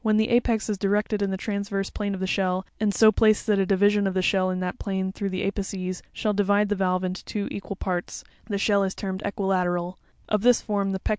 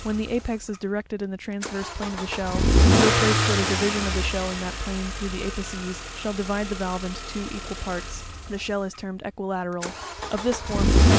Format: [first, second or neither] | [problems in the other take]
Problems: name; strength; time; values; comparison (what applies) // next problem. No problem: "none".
first | background sound (Engine starting / Accelerating, revving, vroom / Car); 4 dB above the speech